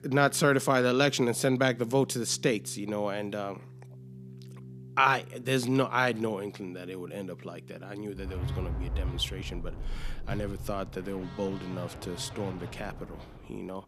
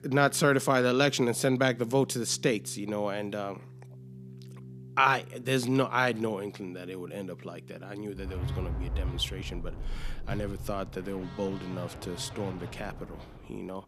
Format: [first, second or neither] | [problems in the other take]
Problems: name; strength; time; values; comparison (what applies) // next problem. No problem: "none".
neither | background music; noticeable; throughout; 15 dB below the speech; the same in both